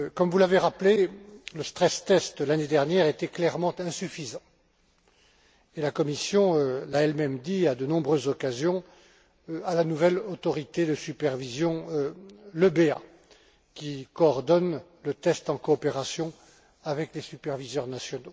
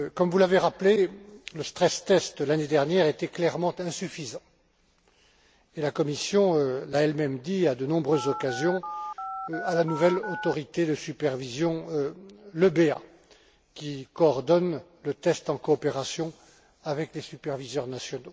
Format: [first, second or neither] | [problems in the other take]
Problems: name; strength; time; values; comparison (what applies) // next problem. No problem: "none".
first | background sound (Telephone); 8 dB below the speech